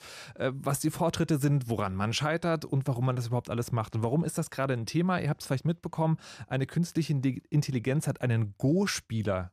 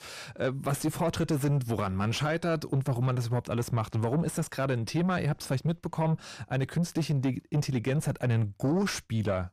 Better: first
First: none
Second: distortion; slight; 10 dB below the speech

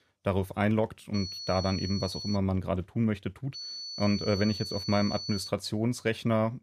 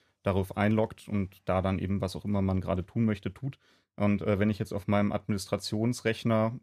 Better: second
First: high-pitched whine; loud; from 1 to 2.5 s and from 3.5 to 5.5 s; 4.5 kHz, 7 dB below the speech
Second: none

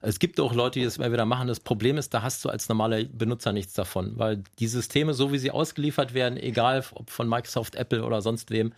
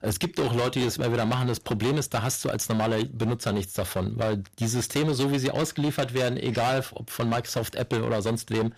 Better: first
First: none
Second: distortion; heavy; 19% of the sound clipped

